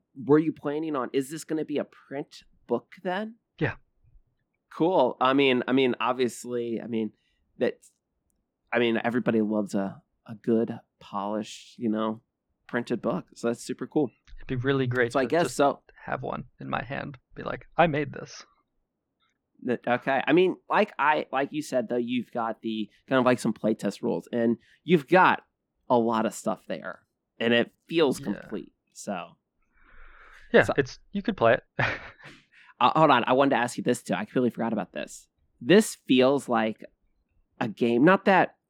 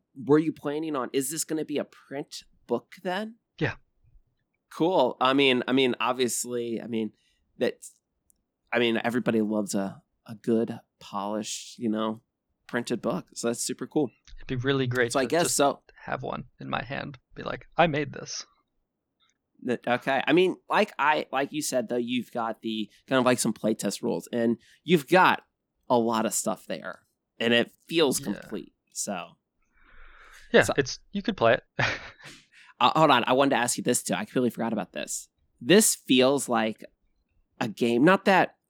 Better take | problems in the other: second | muffled; slightly; fading above 4 kHz

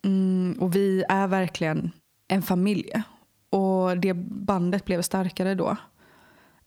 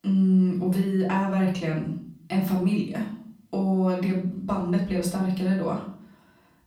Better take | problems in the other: first | off-mic speech; far // room echo; slight; dies away in 0.5 s

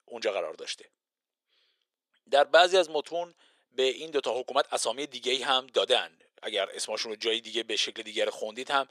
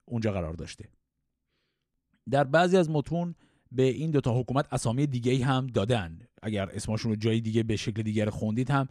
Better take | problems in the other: second | thin; very; fading below 450 Hz

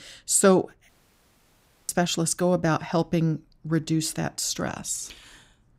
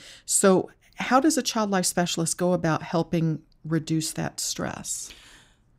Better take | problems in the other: second | audio cutting out; at 1 s for 1 s

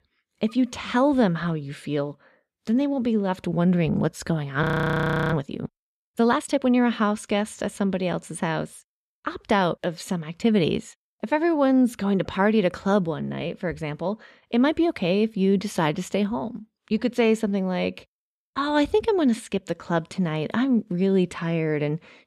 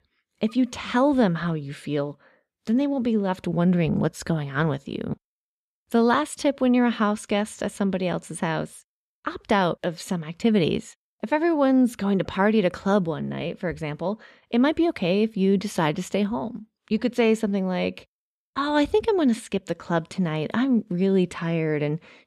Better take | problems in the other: second | audio freezing; at 4.5 s for 0.5 s

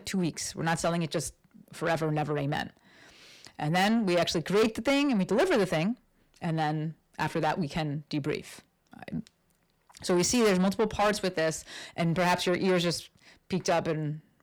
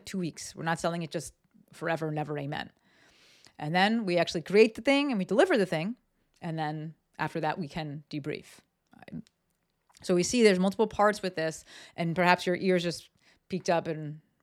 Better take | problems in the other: second | distortion; heavy; 6 dB below the speech

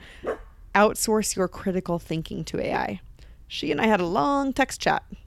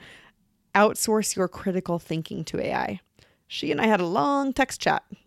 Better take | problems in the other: second | dog barking; noticeable; peak 9 dB below the speech

